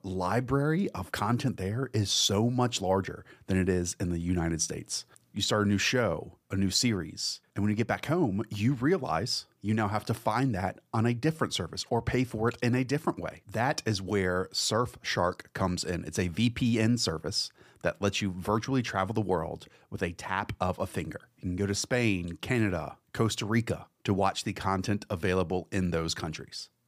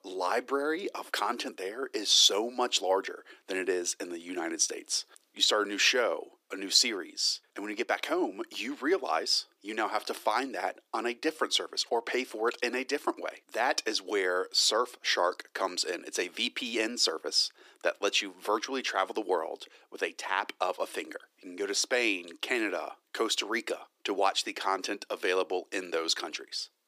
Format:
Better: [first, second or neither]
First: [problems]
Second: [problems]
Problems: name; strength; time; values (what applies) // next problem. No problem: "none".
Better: first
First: none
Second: thin; very; fading below 300 Hz